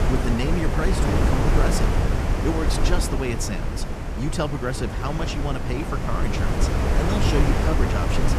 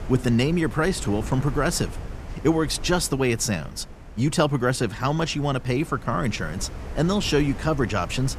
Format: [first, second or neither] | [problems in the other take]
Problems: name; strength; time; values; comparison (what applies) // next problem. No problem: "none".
second | wind noise on the microphone; heavy; 1 dB above the speech; occasional gusts in the second